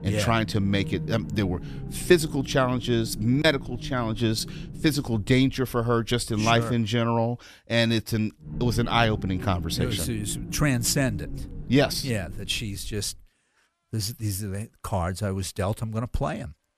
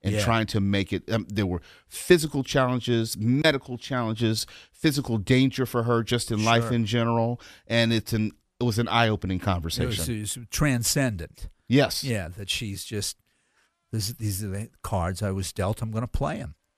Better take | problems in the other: second | low rumble; noticeable; until 6.5 s and from 8.5 to 13 s; 20 dB below the speech

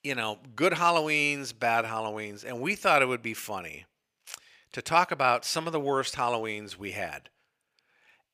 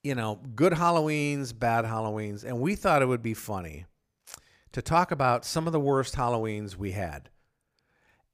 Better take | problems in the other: second | thin; somewhat; fading below 1 kHz

